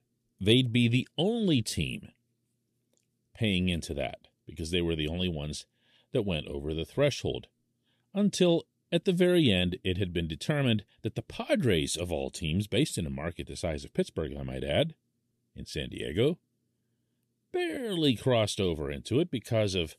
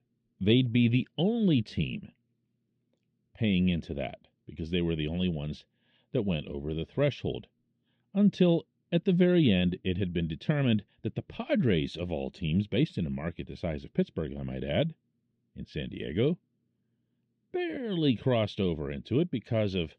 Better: first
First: none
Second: muffled; slightly; fading above 3.5 kHz

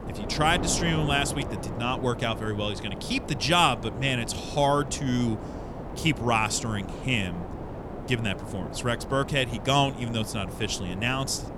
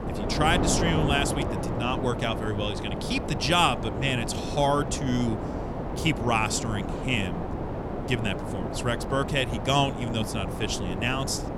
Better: first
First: wind noise on the microphone; occasional gusts; 10 dB below the speech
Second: wind noise on the microphone; heavy; 6 dB below the speech

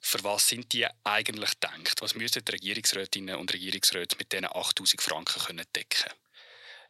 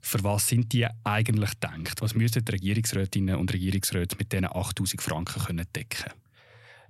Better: second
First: thin; very; fading below 450 Hz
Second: none

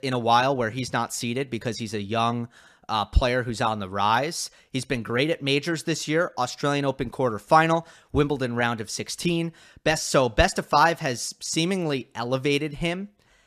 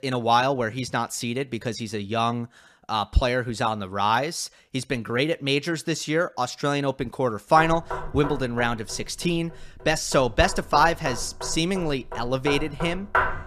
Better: first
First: none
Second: door banging; loud; from 7.5 s on; peak 1 dB above the speech

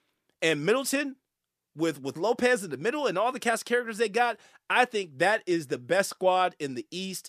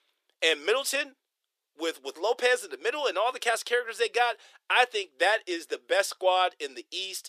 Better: first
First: none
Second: thin; very; fading below 400 Hz

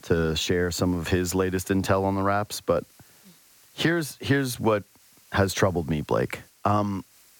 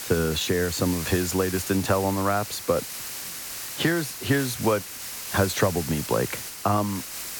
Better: first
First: hiss; faint; throughout; 30 dB below the speech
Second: hiss; loud; throughout; 7 dB below the speech

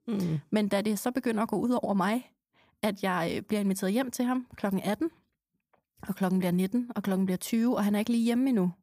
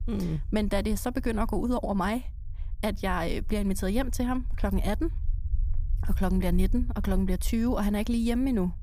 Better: first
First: none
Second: low rumble; faint; throughout; 25 dB below the speech

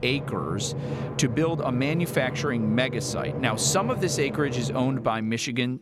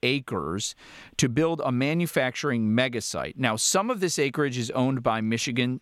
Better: second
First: background music; loud; throughout; 6 dB below the speech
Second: none

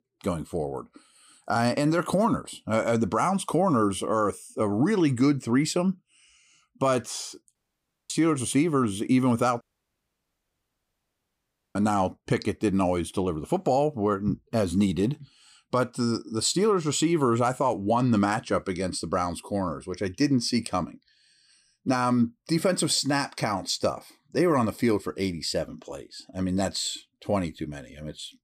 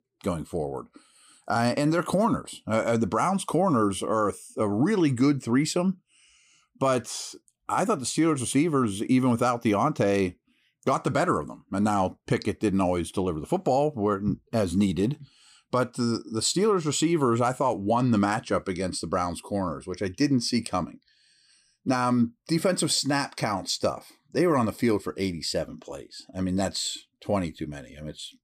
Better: second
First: audio cutting out; at 7.5 s for 0.5 s and at 9.5 s for 2 s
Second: none

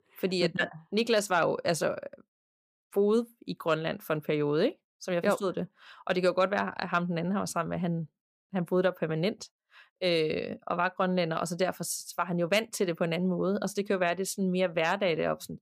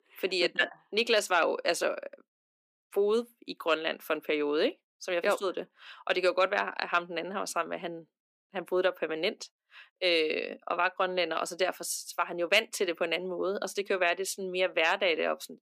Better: first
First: none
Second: thin; somewhat; fading below 250 Hz

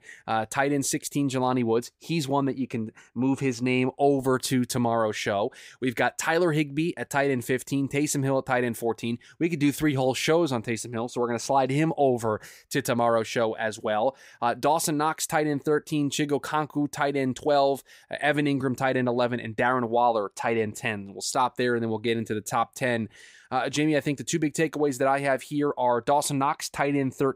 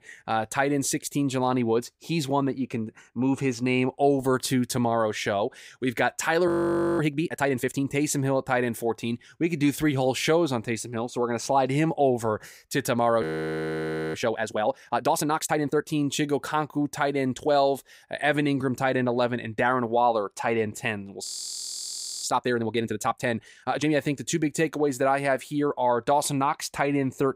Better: first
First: none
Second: audio freezing; at 6.5 s for 0.5 s, at 13 s for 1 s and at 21 s for 1 s

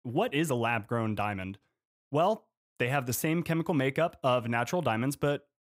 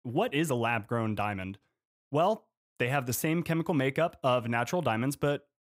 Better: neither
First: none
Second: none

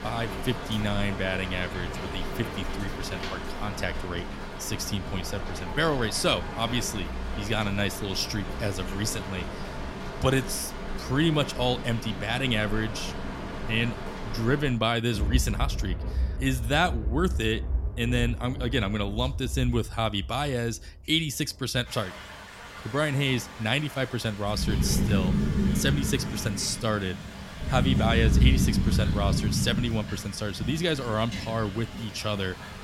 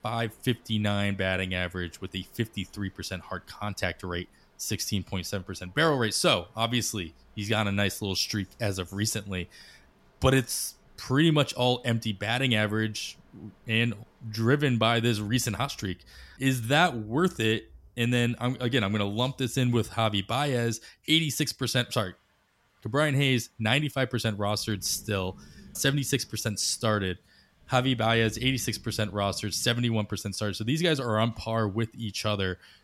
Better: second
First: rain or running water; loud; throughout; 3 dB below the speech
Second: rain or running water; faint; throughout; 30 dB below the speech

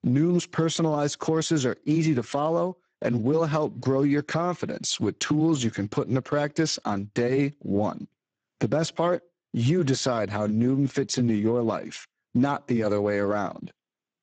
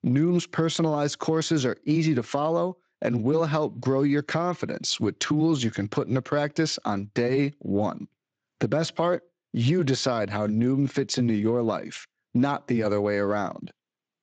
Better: second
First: garbled, watery; badly; nothing above 7.5 kHz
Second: garbled, watery; slightly; nothing above 7.5 kHz

